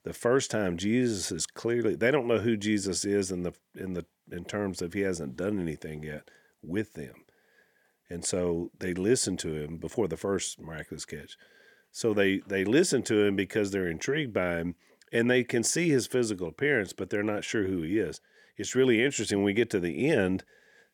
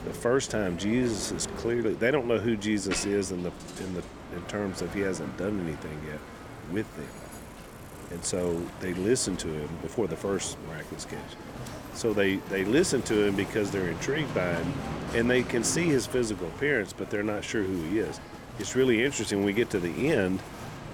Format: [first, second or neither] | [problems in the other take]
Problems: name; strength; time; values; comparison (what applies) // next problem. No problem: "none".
first | traffic noise; noticeable; throughout; 10 dB below the speech